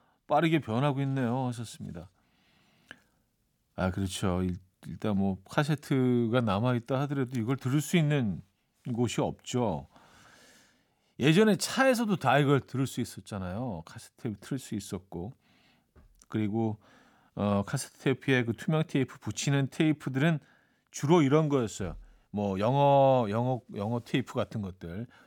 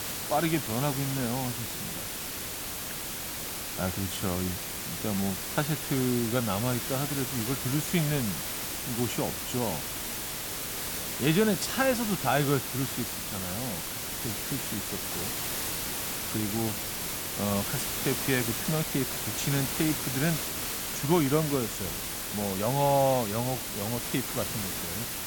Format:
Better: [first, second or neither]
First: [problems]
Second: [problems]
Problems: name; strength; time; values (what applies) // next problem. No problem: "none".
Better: first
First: none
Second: hiss; loud; throughout; 1 dB below the speech